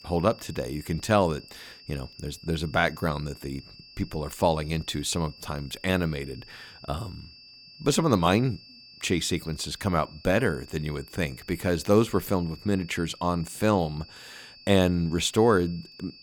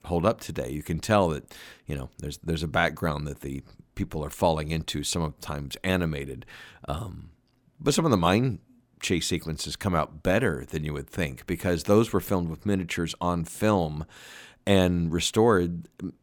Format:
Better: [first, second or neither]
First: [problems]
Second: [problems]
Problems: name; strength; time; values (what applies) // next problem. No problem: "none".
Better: second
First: high-pitched whine; faint; throughout; 4.5 kHz, 20 dB below the speech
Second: none